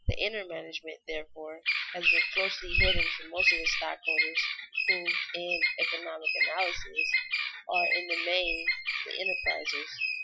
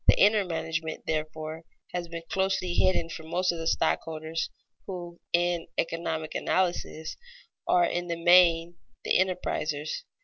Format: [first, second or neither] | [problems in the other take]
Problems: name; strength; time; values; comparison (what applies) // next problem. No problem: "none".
second | noise reduction (classical method Wiener filter)